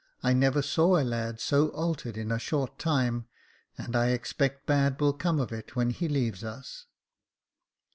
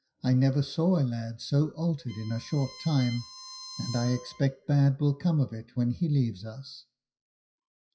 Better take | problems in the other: first | noise reduction (classical method WPE with log-MMSE)

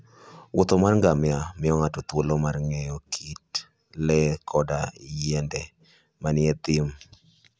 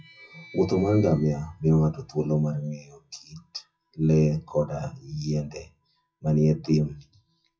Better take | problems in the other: first | noise reduction (classical method WPE with log-MMSE)

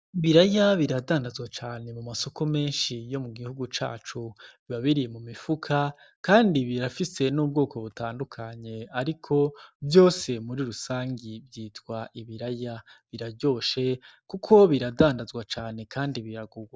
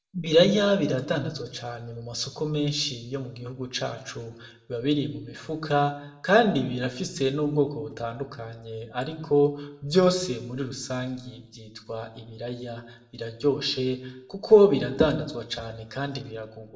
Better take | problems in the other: first | room echo; dies away in 0.6 s

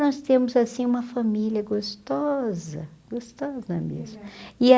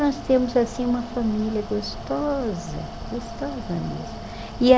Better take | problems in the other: first | background sound (Mechanical fan); 11 dB below the speech

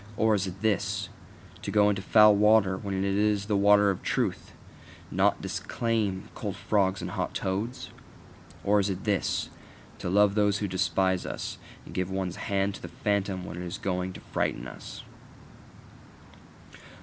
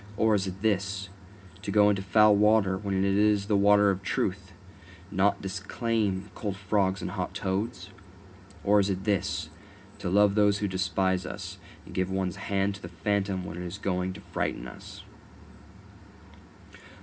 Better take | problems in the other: first | room echo; dies away in 0.3 s

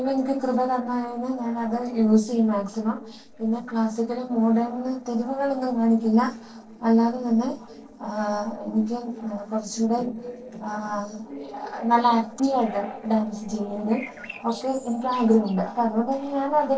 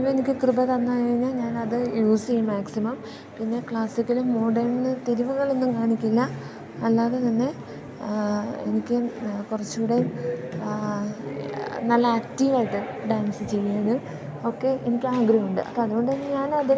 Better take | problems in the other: second | noise reduction (neural separator model SepFormer DNS4)

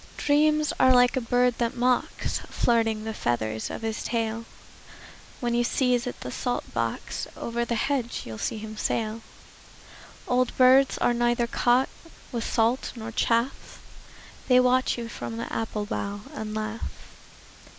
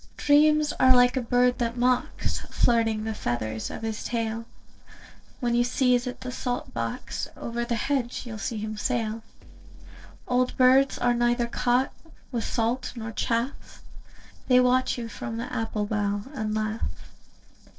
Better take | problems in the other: first | noise reduction (neural separator model SepFormer DNS4)

